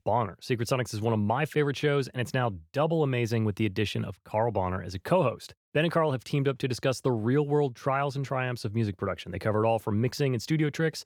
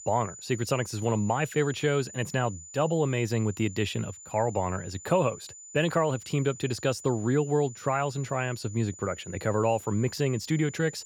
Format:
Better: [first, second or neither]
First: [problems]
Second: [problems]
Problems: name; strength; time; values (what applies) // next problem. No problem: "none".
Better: first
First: none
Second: high-pitched whine; noticeable; throughout; 7 kHz, 15 dB below the speech